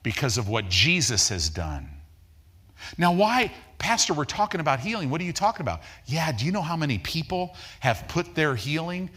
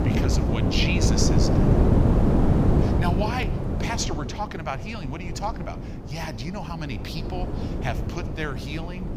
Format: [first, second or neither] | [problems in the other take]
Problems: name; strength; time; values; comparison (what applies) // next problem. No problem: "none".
first | wind noise on the microphone; heavy; 1 dB above the speech